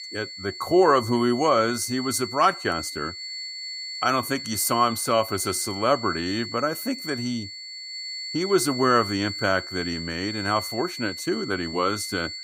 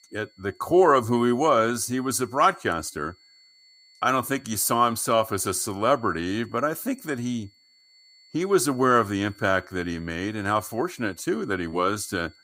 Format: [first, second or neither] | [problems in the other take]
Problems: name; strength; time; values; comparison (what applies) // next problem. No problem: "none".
second | high-pitched whine; loud; throughout; 4.5 kHz, 8 dB below the speech; faint in the second